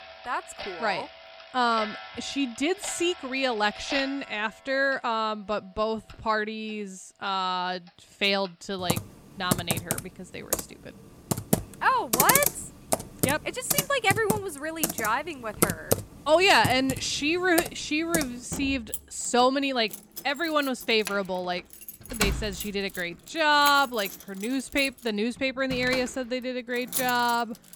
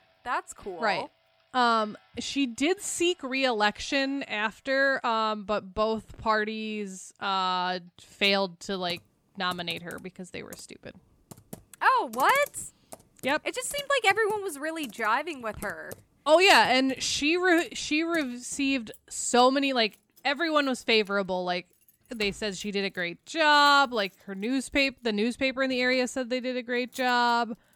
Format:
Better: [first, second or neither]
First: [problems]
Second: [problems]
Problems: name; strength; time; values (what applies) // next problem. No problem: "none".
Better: second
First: household noises; loud; throughout; 4 dB below the speech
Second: household noises; faint; throughout; 25 dB below the speech